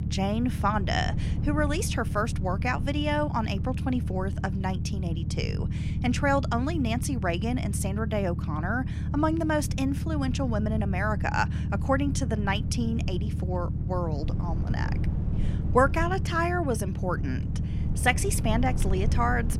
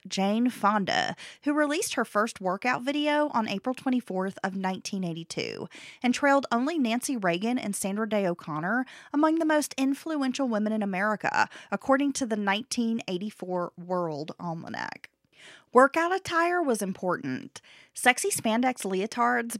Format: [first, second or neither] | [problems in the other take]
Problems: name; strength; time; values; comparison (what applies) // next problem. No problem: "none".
second | low rumble; noticeable; throughout; 10 dB below the speech